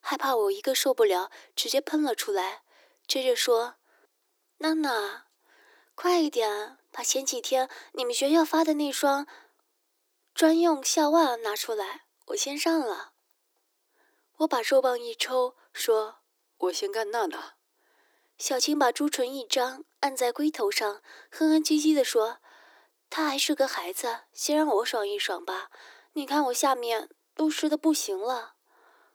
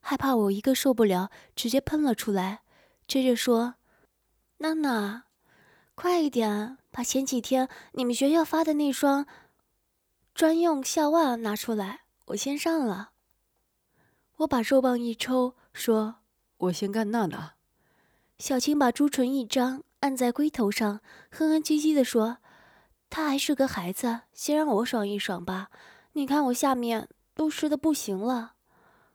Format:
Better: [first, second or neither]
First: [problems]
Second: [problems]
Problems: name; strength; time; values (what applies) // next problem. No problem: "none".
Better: second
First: thin; somewhat; fading below 300 Hz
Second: none